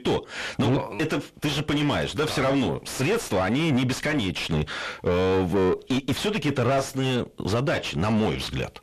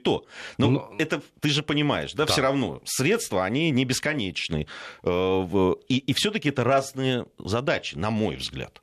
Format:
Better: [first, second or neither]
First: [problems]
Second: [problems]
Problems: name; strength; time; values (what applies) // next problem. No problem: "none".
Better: second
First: distortion; heavy; 5 dB below the speech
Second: none